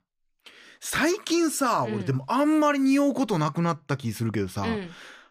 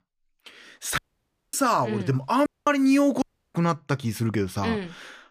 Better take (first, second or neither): first